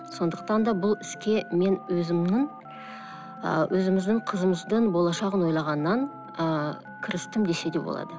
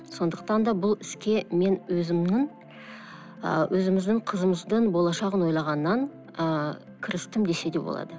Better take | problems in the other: second | background sound (Telephone); 18 dB below the speech

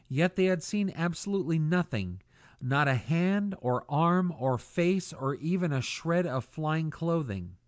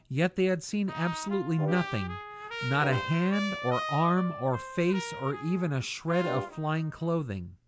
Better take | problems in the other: first | background sound (Trumpet + Brass instrument); 9 dB below the speech

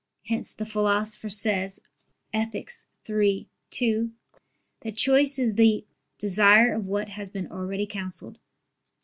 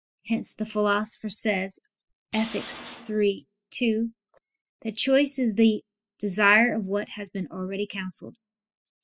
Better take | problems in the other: first | noise reduction (classical method spectral subtraction)

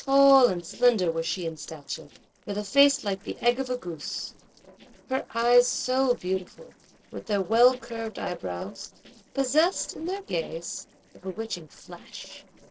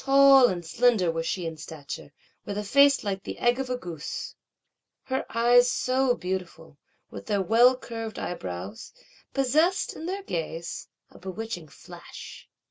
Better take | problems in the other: second | noise reduction (neural separator model SepFormer DNS4)

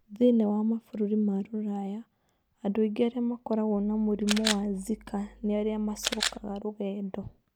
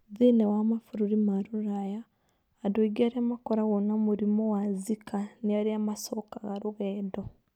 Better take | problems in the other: second | background sound (Camera); 7 dB below the speech

